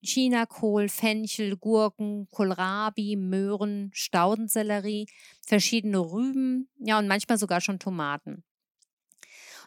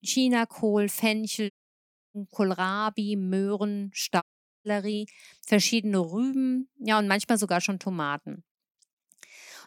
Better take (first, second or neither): first